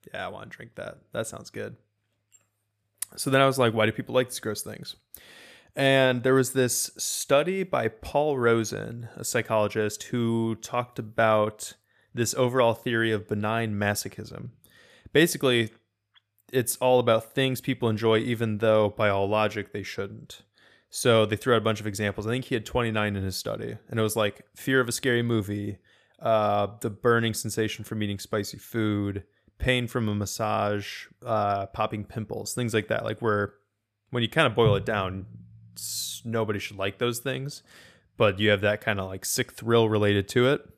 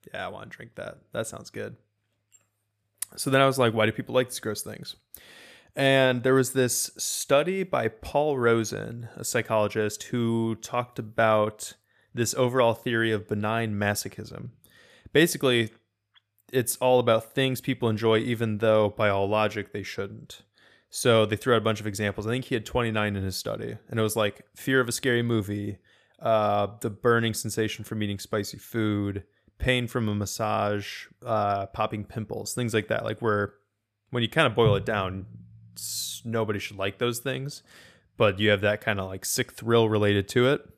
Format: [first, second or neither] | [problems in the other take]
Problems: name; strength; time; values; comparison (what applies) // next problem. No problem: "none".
neither | none